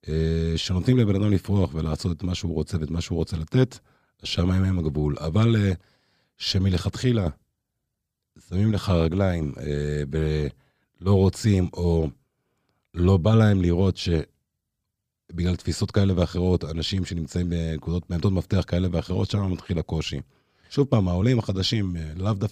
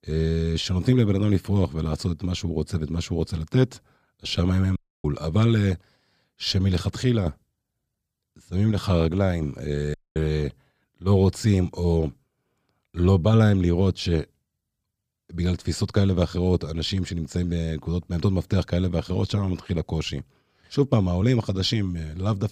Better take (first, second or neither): first